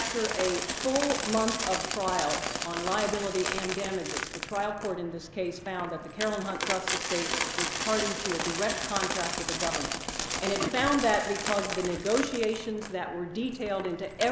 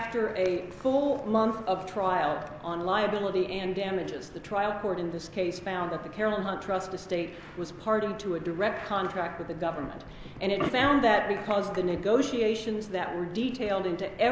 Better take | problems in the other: second | background sound (Coin (dropping)); 3 dB below the speech

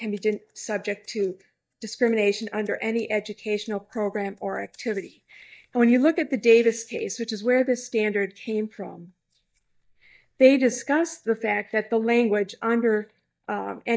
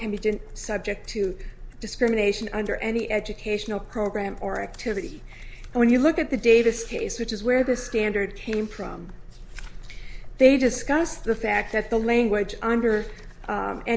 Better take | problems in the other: second | noise reduction (neural mask model DeepFilterNet 3)

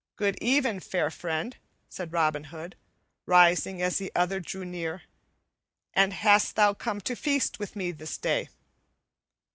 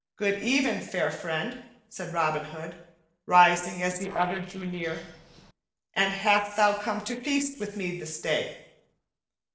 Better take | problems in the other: first | noise reduction (neural separator model SepFormer DNS4)

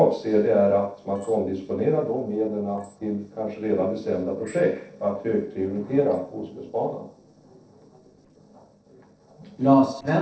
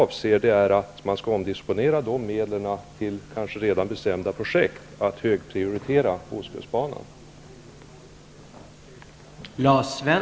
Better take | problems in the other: second | noise reduction (neural separator model SepFormer DNS4)

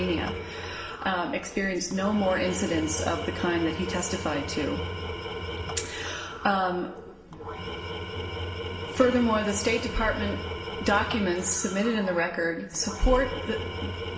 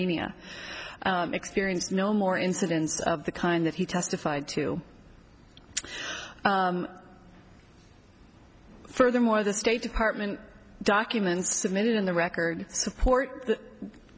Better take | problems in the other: second | background sound (Tools); 7 dB below the speech // room echo; dies away in 0.7 s

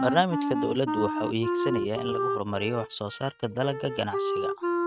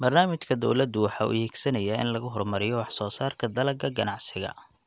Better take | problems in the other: second | noise reduction (neural mask model RNNoise)

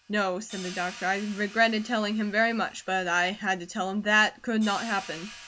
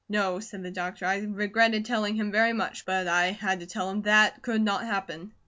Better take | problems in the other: second | background sound (Hi-hat); 18 dB below the speech

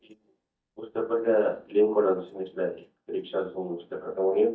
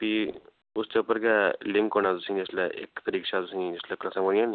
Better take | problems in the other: second | noise reduction (neural mask model DeepFilterNet 3)

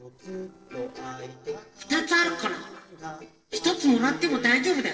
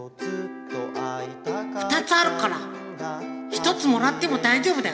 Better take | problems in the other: second | noise reduction (neural separator model SepFormer DNS4)

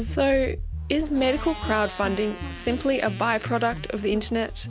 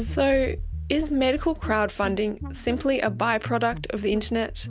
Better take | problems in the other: second | background sound (Motorcycle); 18 dB below the speech

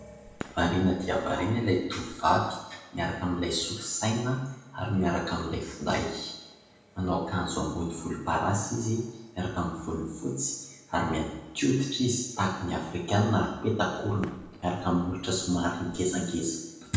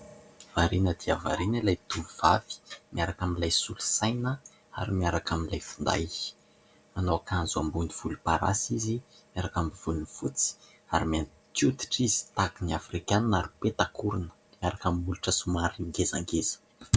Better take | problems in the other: second | background sound (Fireworks); 18 dB below the speech // room echo; dies away in 0.9 s

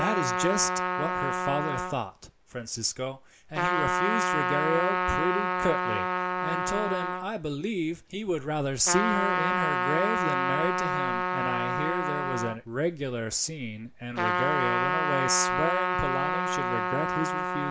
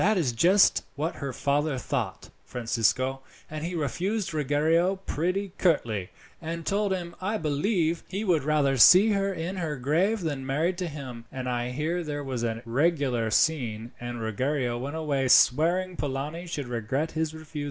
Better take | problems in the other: second | background sound (Trumpet); 2 dB above the speech

